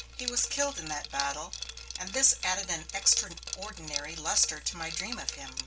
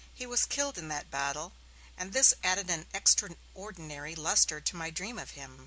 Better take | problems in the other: second | background sound (Liquid); 9 dB below the speech // room echo; dies away in 0.2 s

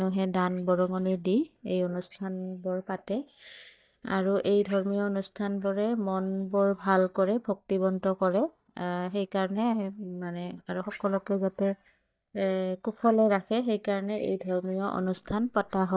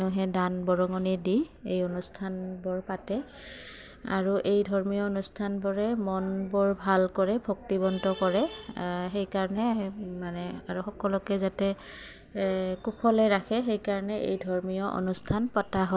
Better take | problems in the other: second | noise reduction (neural mask model DeepFilterNet 3)

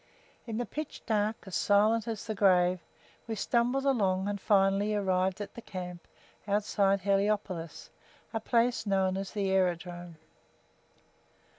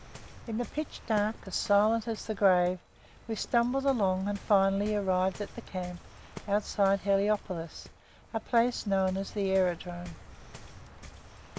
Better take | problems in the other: first | background sound (Waves, surf); 17 dB below the speech

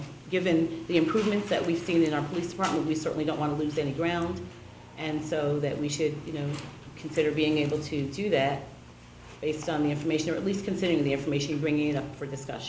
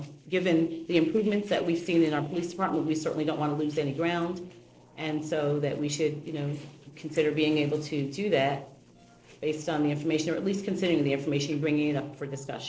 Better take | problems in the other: first | noise reduction (neural separator model SepFormer DNS4)

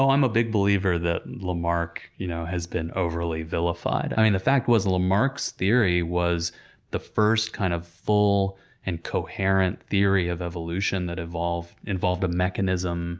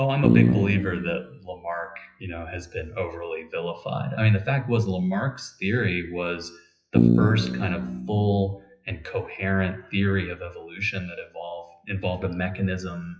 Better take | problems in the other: first | noise reduction (classical method WPE with log-MMSE)

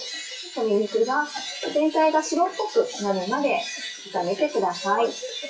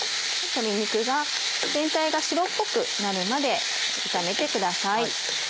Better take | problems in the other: second | noise reduction (classical method WPE with log-MMSE)

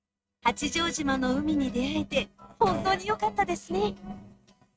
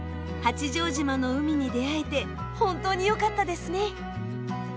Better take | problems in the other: second | noise reduction (neural mask model RNNoise)

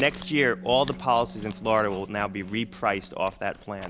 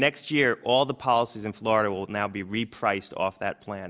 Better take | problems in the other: second | background sound (Chewing, mastication + Bowed string instrument); 16 dB below the speech

